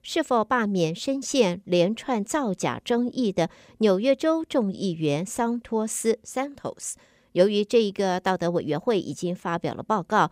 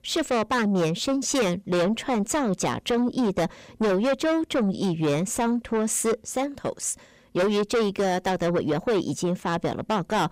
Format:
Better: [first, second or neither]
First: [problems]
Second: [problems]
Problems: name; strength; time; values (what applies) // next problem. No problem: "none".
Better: first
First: none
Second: distortion; heavy; 6 dB below the speech